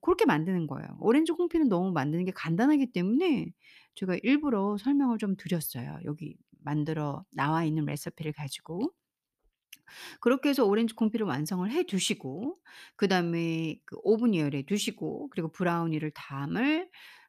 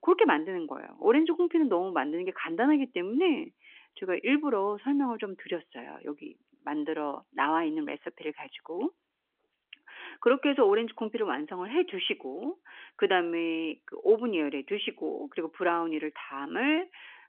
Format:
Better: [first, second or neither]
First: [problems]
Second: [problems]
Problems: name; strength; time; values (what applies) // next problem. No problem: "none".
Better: first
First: none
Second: phone-call audio; nothing above 3 kHz